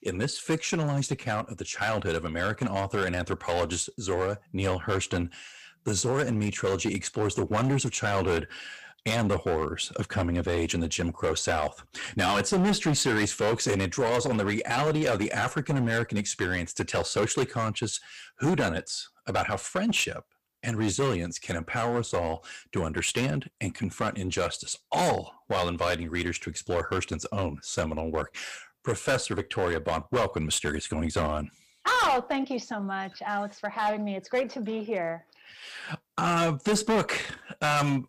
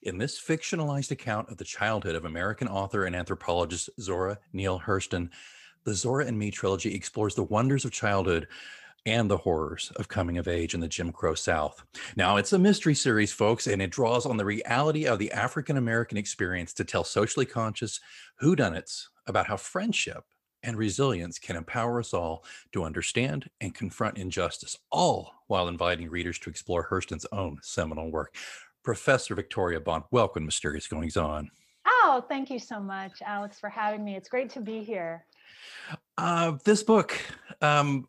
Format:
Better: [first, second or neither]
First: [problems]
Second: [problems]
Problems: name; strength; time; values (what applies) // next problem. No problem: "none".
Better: second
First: distortion; heavy; 8% of the sound clipped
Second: none